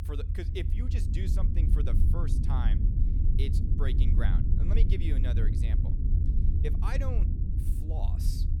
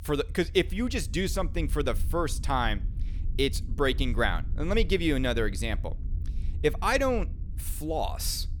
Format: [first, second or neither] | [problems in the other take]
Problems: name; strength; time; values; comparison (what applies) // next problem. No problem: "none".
second | low rumble; loud; throughout; 2 dB below the speech; faint in the second